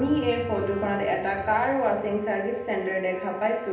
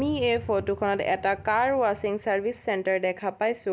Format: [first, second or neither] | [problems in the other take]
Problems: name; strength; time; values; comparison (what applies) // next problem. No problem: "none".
second | background sound (Trumpet); 18 dB below the speech // room echo; dies away in 0.8 s